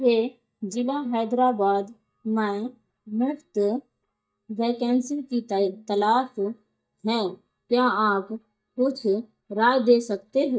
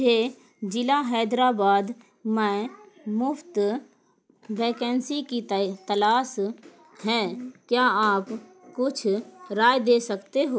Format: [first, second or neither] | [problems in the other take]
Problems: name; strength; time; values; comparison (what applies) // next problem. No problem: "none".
second | noise reduction (neural mask model DeepFilterNet 3)